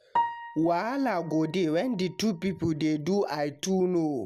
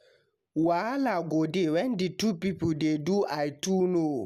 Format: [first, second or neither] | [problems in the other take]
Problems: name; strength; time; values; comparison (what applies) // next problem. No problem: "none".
second | background sound (Piano); 10 dB below the speech